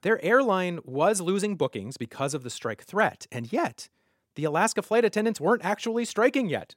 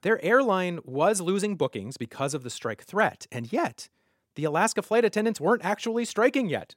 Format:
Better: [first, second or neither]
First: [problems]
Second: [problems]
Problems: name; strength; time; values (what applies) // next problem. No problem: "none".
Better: neither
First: none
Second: none